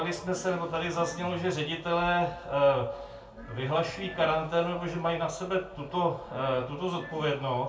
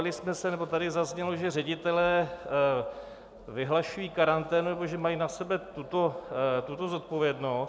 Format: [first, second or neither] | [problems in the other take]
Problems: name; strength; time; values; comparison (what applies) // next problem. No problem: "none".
second | background sound (Glass); 19 dB below the speech // room echo; dies away in 0.3 s